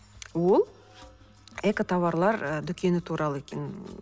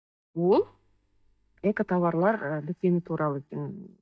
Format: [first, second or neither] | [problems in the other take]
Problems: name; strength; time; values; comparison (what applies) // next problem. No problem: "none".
first | noise reduction (neural mask model DeepFilterNet 3)